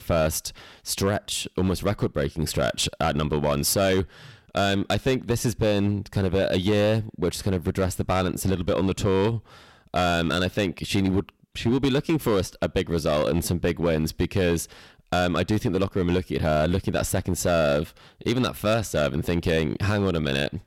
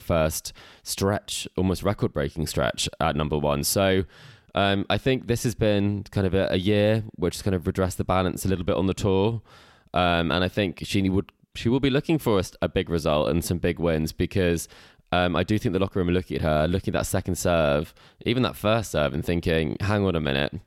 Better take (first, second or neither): second